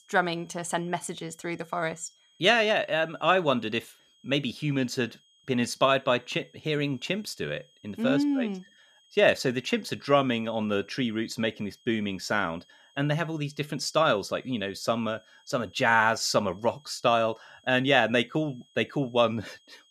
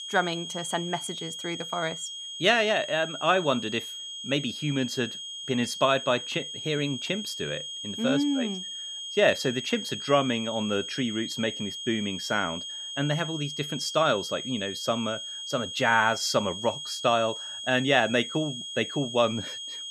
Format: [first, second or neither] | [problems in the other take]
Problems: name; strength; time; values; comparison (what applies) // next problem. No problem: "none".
first | high-pitched whine; loud; throughout; 3.5 kHz, 7 dB below the speech; faint in the first